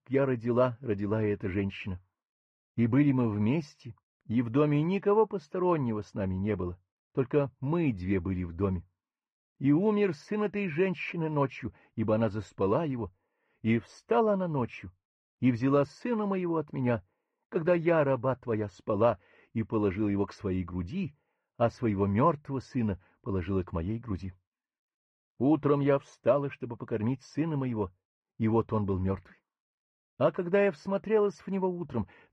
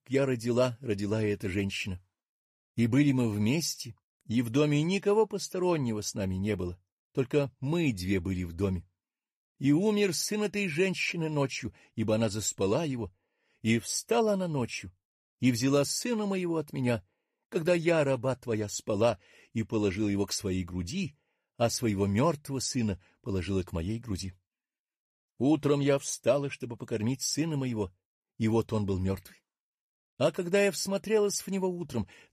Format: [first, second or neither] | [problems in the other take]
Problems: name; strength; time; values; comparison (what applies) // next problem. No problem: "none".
second | muffled; very; fading above 1.5 kHz